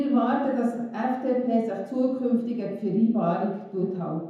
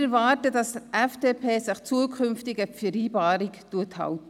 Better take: second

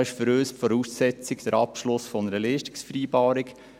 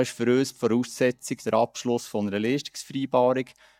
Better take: first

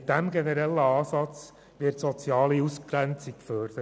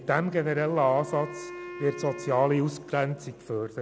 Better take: first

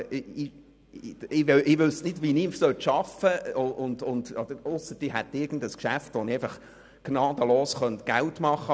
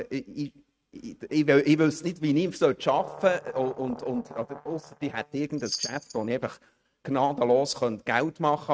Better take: first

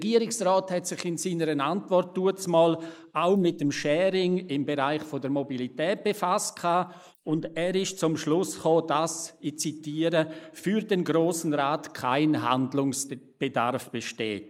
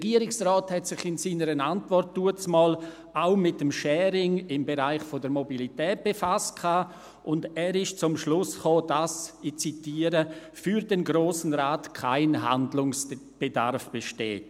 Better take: second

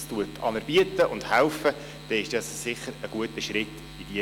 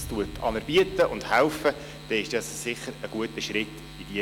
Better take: first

